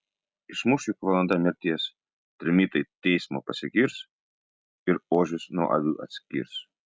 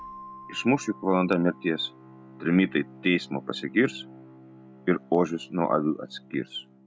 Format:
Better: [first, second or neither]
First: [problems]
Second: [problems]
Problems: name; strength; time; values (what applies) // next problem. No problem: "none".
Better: first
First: none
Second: background sound (Bowed string instrument + Keyboard (musical)); 20 dB below the speech